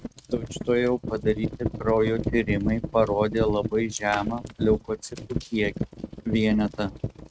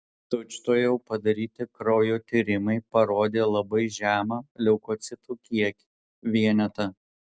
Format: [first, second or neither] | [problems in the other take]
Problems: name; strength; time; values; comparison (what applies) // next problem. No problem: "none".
second | noise reduction (neural mask model RNNoise)